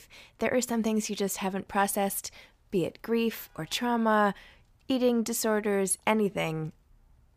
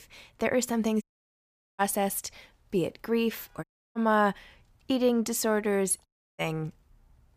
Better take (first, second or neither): first